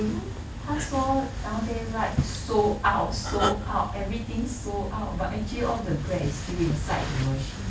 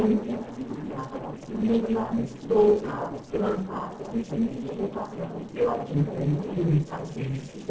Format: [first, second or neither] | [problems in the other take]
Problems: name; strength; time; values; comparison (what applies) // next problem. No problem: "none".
first | noise reduction (neural separator model SepFormer DNS4)